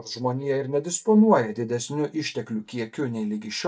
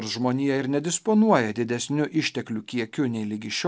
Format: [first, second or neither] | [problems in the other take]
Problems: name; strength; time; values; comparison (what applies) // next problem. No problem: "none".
second | noise reduction (neural mask model DeepFilterNet 3)